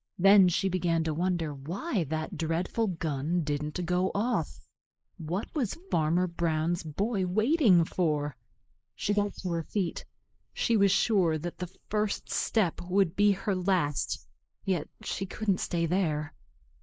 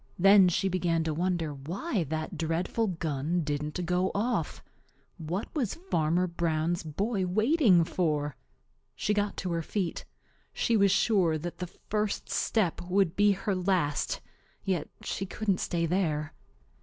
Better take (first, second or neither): second